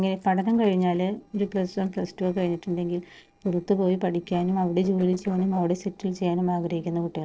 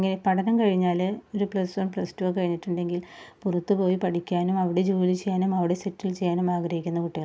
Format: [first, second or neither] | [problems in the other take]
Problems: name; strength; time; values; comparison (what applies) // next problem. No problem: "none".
second | noise reduction (neural separator model SepFormer DNS4)